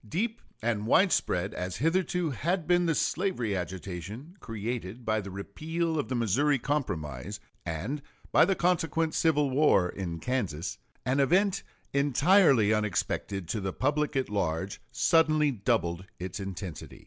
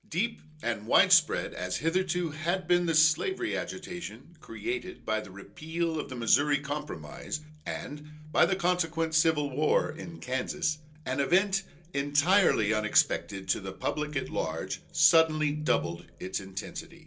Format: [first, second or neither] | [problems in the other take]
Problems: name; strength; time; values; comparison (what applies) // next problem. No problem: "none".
first | room echo; dies away in 0.2 s